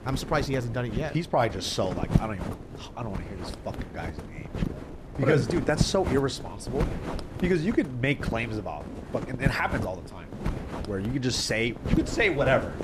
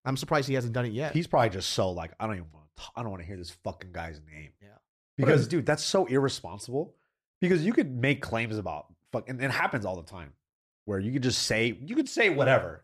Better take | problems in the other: second | wind noise on the microphone; occasional gusts; 10 dB below the speech

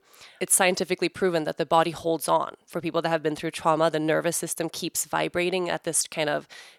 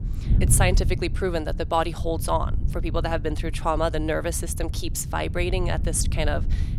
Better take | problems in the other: first | wind noise on the microphone; occasional gusts; 15 dB below the speech

